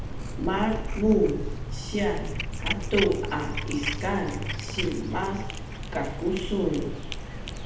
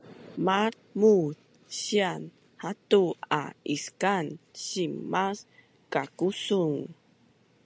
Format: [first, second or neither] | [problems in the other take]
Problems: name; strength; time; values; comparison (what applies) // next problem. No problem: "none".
second | background sound (Cat); 3 dB below the speech // room echo; dies away in 0.8 s